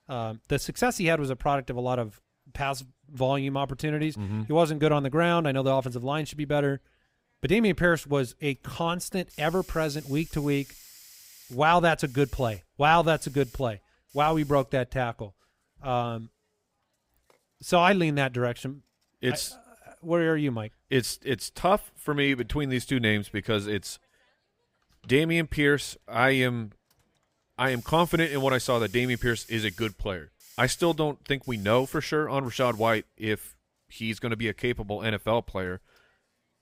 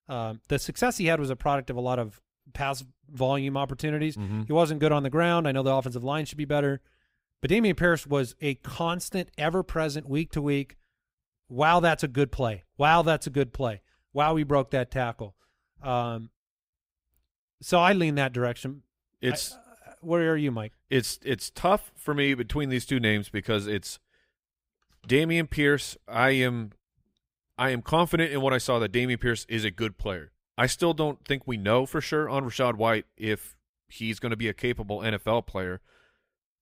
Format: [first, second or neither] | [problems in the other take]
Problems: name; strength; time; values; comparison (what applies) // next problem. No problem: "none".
second | hiss; faint; throughout; 25 dB below the speech